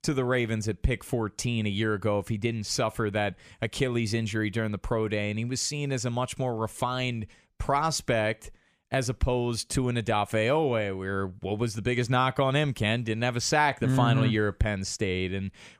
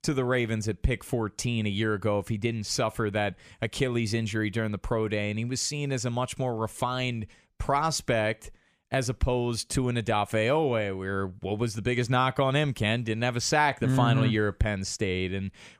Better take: neither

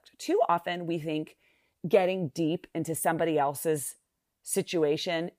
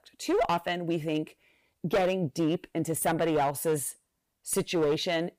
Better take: first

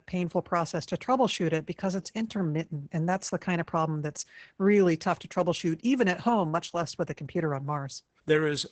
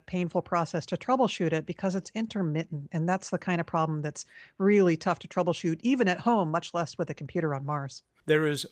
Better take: second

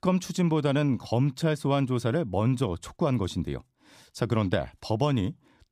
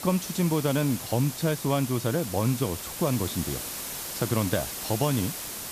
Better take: first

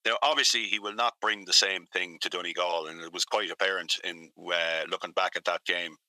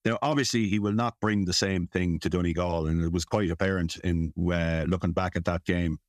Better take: second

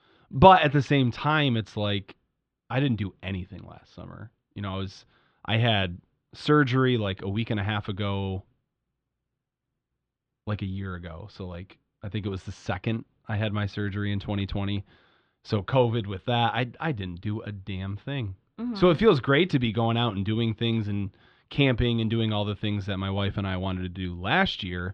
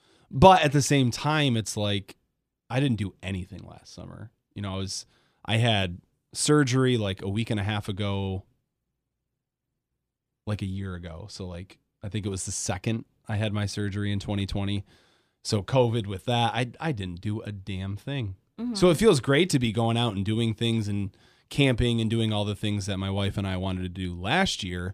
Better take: second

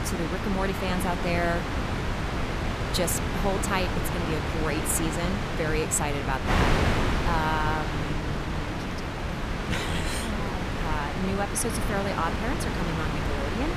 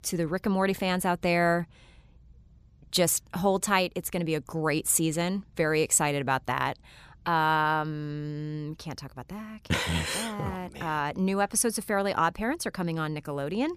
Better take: second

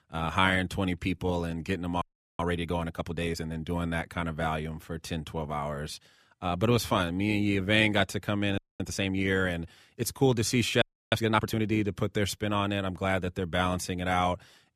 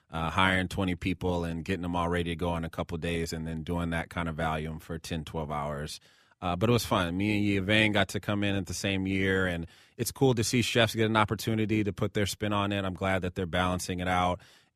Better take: second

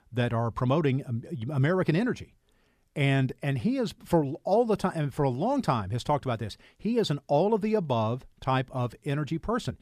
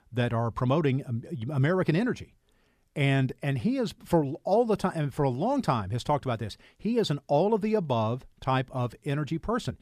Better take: neither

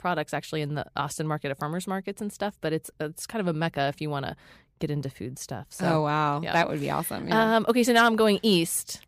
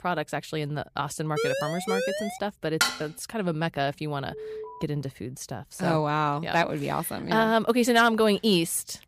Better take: first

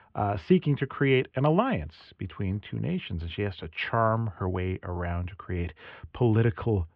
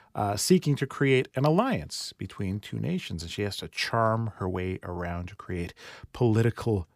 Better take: second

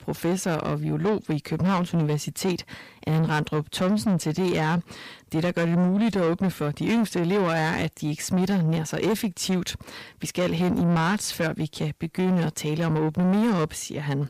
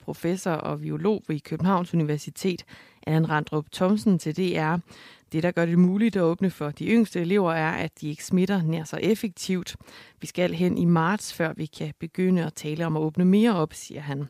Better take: second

